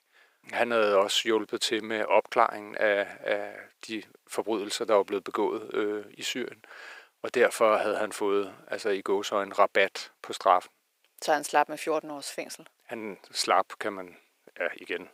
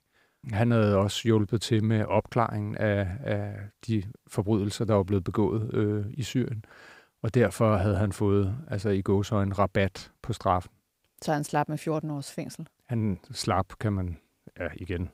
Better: second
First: thin; very; fading below 400 Hz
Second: none

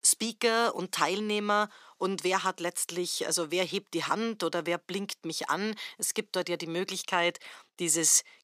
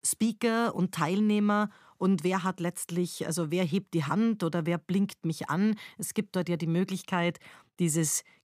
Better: second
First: thin; somewhat; fading below 450 Hz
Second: none

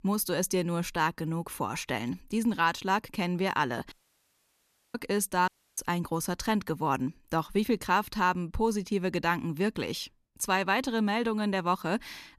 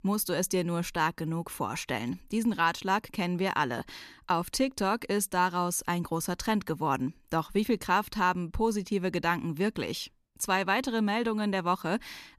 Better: second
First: audio cutting out; at 4 s for 1 s and at 5.5 s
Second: none

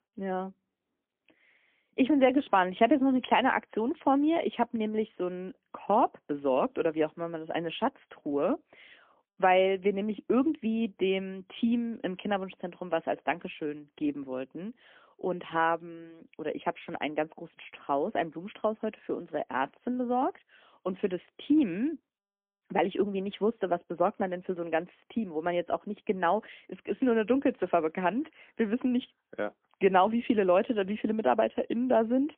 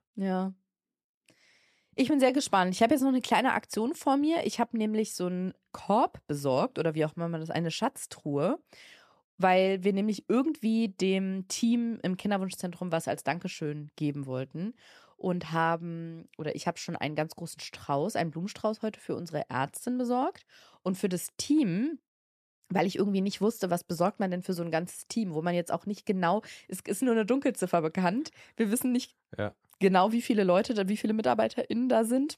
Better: second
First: phone-call audio; poor line; nothing above 3.5 kHz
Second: none

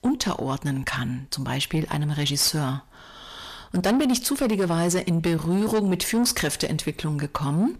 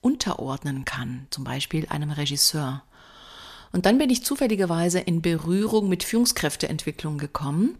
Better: second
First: distortion; slight; 10 dB below the speech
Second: none

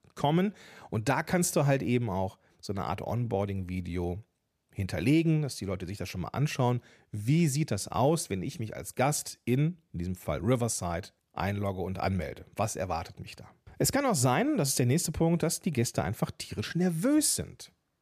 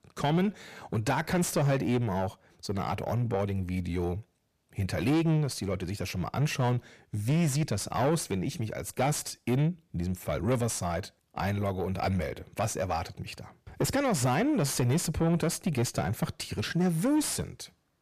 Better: first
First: none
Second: distortion; slight; 9 dB below the speech

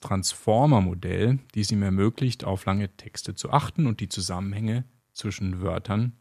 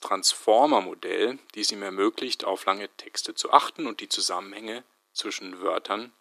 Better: first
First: none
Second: thin; very; fading below 300 Hz

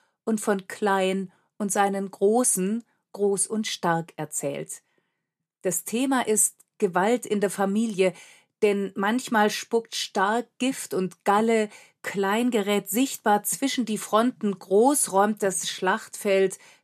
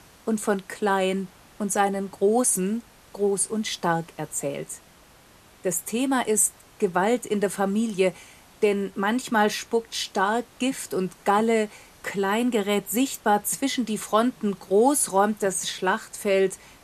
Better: first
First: none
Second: hiss; faint; throughout; 25 dB below the speech

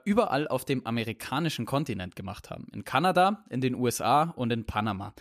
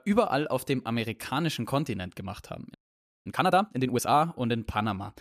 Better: first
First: none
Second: audio freezing; at 2.5 s for 0.5 s

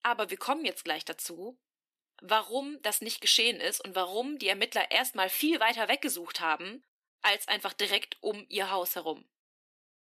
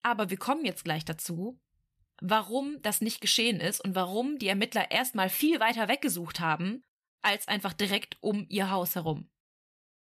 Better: second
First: thin; somewhat; fading below 300 Hz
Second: none

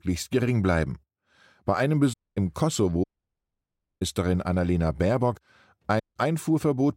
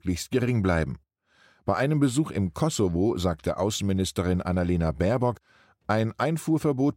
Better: second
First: audio cutting out; at 2 s, at 3 s for 1 s and at 6 s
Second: none

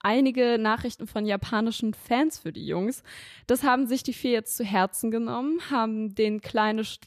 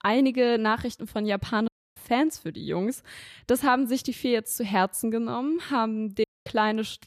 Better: first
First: none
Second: audio cutting out; at 1.5 s and at 6 s

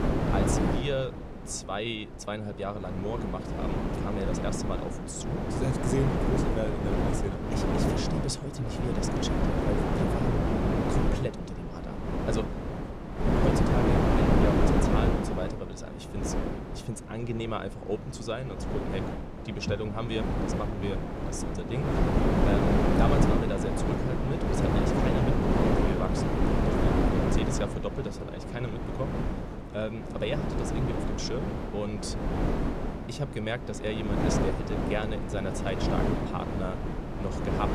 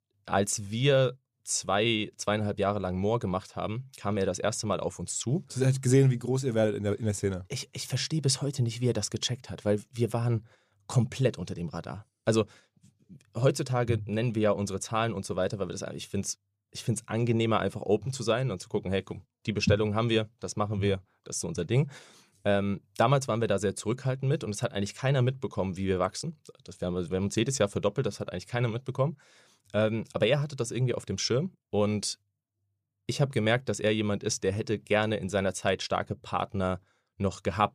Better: second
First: wind noise on the microphone; heavy; 4 dB above the speech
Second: none

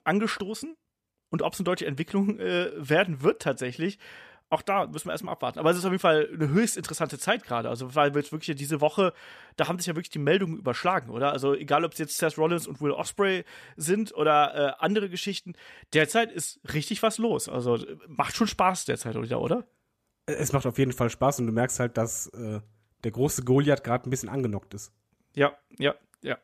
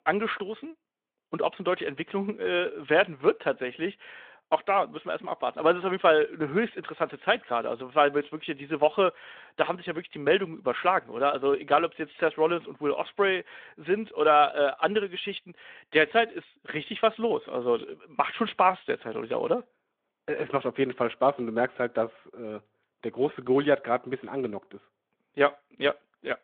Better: first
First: none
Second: phone-call audio

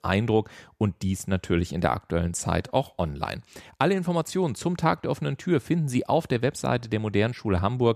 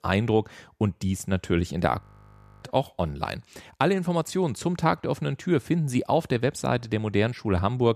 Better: first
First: none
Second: audio freezing; at 2 s for 0.5 s

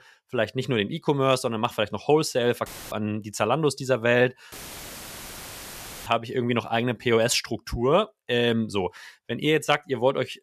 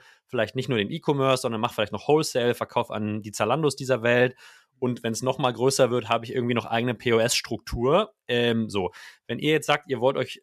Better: second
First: audio cutting out; filled with static; at 2.5 s and at 4.5 s for 1.5 s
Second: none

